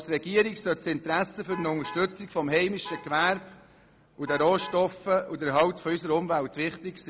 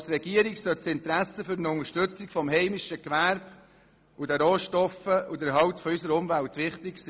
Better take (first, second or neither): second